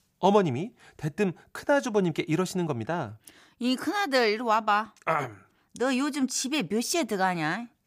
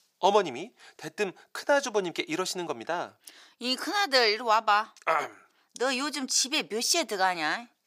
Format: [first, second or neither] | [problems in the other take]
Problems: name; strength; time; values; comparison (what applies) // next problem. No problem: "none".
first | thin; somewhat; fading below 400 Hz